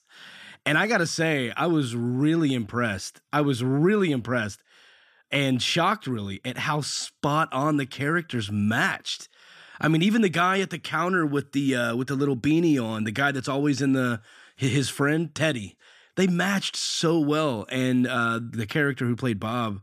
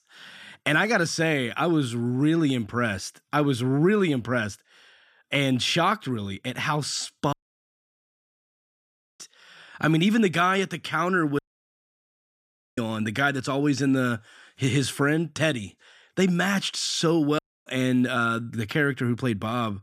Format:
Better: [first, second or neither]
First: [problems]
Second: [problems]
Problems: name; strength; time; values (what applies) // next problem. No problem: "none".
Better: first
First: none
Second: audio cutting out; at 7.5 s for 2 s, at 11 s for 1.5 s and at 17 s